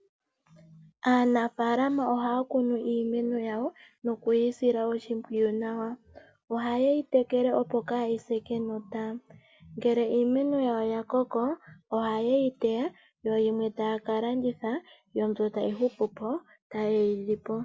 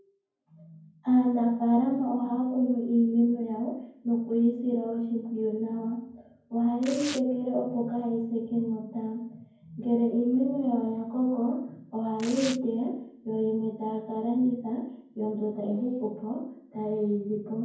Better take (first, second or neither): first